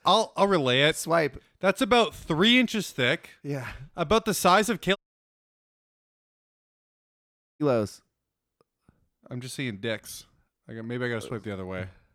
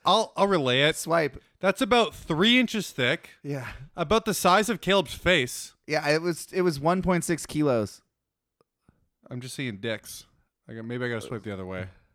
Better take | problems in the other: second | audio cutting out; at 5 s for 2.5 s

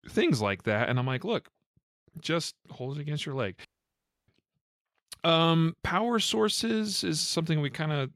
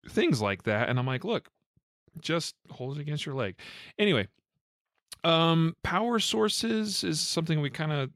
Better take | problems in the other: second | audio cutting out; at 3.5 s for 0.5 s

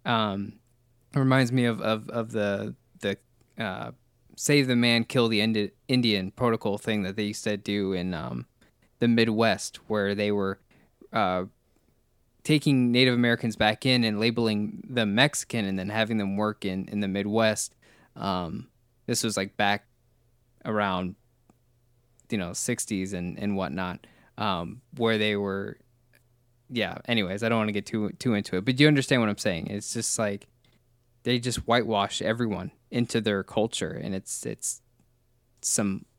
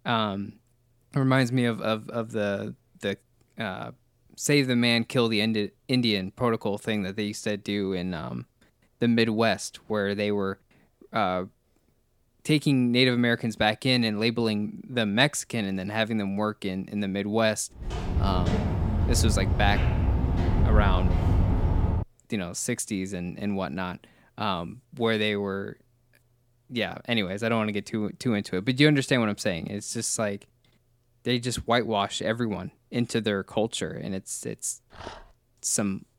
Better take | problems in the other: first | footsteps; loud; from 18 to 22 s; peak 4 dB above the speech // dog barking; faint; at 35 s; peak 15 dB below the speech

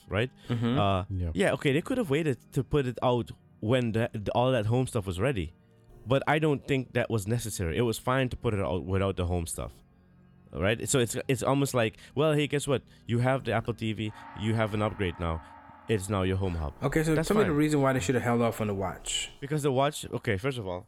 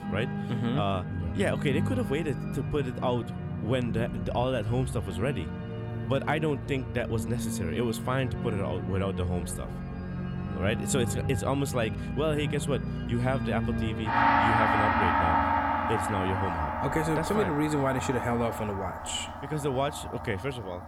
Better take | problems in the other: first | background music; loud; throughout; as loud as the speech; faint in the first

